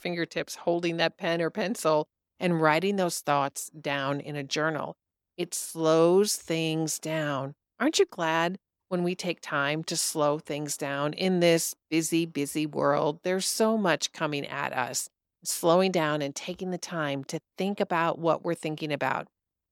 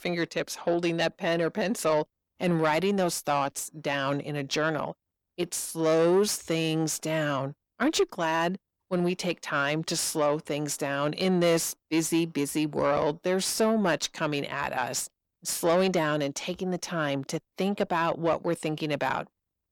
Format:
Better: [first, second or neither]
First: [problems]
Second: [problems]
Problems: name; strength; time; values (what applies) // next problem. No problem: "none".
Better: first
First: none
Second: distortion; slight; 10 dB below the speech